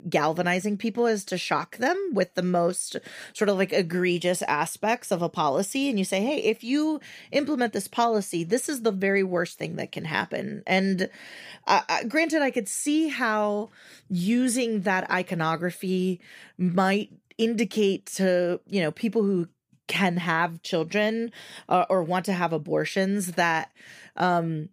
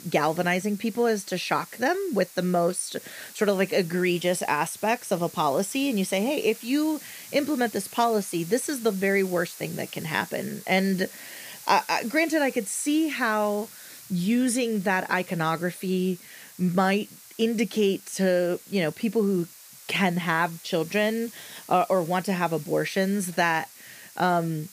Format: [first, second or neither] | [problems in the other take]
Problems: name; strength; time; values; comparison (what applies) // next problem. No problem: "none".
first | hiss; noticeable; throughout; 15 dB below the speech